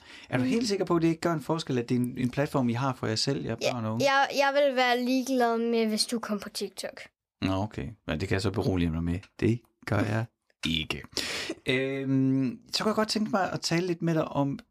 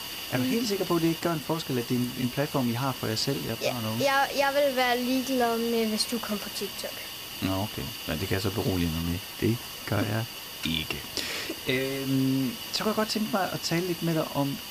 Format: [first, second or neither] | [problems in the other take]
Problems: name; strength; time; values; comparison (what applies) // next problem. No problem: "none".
first | hiss; loud; throughout; 7 dB below the speech